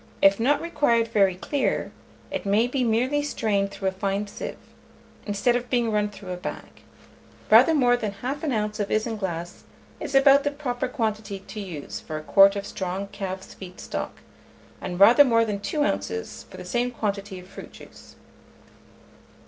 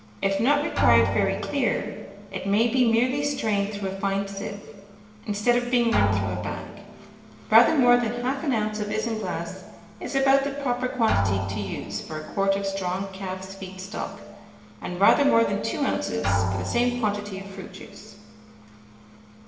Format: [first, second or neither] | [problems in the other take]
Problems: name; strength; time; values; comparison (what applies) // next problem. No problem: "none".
first | background sound (Drum); 8 dB below the speech // room echo; dies away in 1.3 s